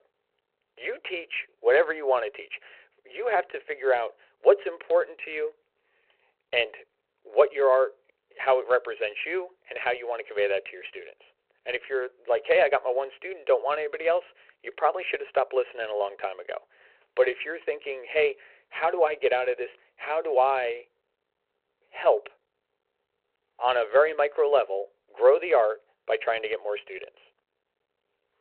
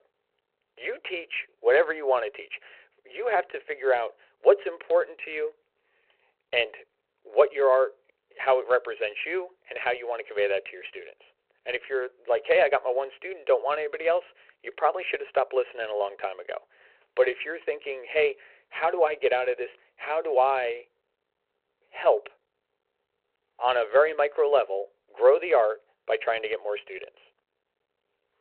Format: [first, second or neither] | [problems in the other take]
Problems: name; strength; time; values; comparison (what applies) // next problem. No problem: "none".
neither | phone-call audio; the same in both